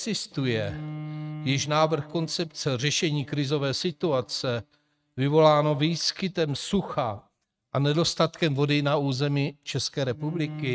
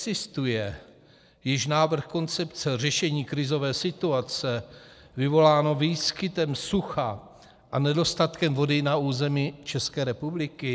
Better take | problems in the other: second | noise reduction (neural mask model RNNoise)

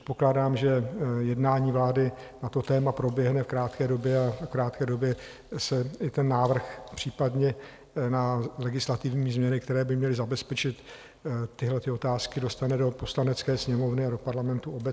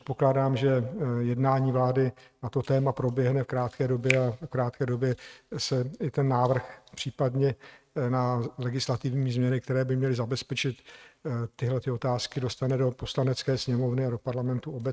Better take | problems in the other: first | noise reduction (neural mask model RNNoise)

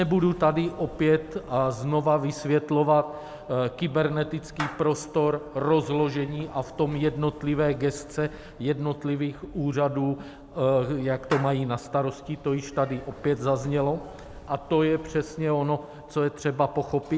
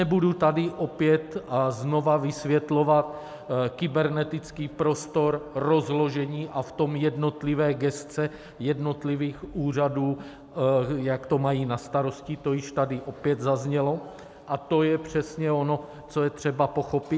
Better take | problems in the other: second | background sound (Meow / Clapping); 20 dB below the speech

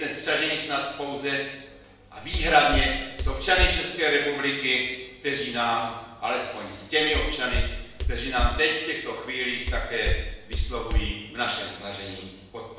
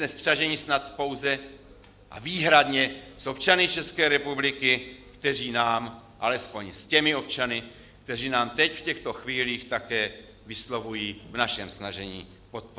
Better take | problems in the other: second | background sound (Walk, footsteps); as loud as the speech // room echo; dies away in 0.8 s

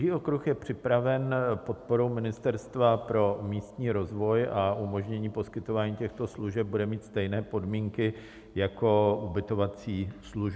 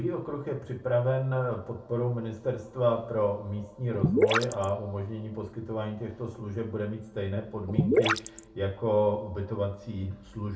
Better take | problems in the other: first | background sound (Gurgling / Liquid); 4 dB above the speech // room echo; dies away in 0.3 s

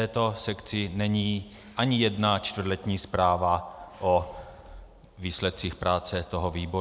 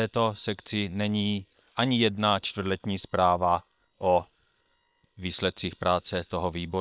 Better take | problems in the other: first | noise reduction (neural separator model SepFormer WHAM!)

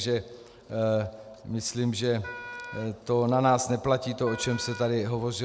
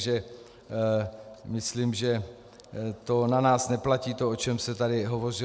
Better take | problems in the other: second | background sound (Wind instrument, woodwind instrument); 15 dB below the speech

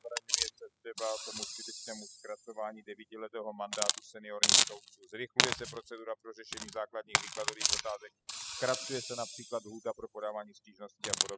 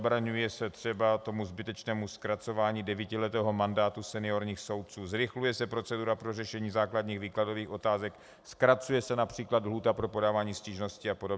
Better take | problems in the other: second | noise reduction (classical method spectral subtraction)

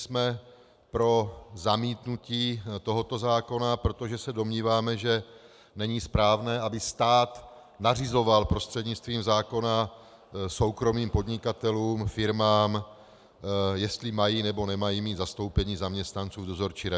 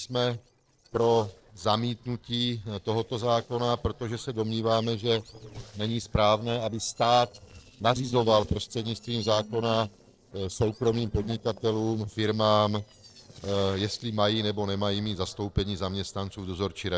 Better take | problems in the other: first | noise reduction (neural separator model SepFormer DNS4)

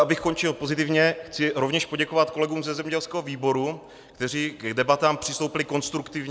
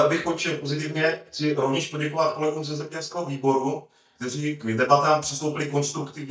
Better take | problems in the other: first | noise reduction (neural mask model DeepFilterNet 3)

